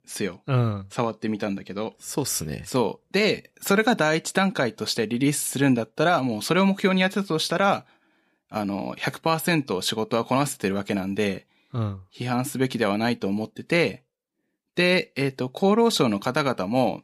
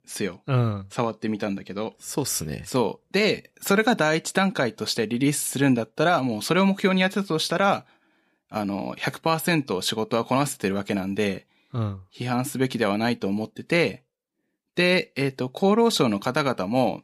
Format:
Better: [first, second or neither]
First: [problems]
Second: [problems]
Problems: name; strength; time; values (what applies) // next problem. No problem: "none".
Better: neither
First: none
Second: none